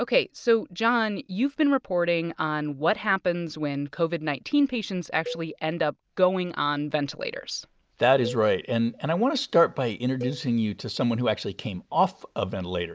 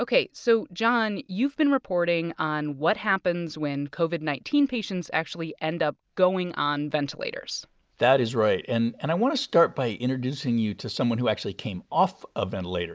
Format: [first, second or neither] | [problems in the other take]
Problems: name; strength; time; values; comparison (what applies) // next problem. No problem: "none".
second | background sound (Cowbell); 17 dB below the speech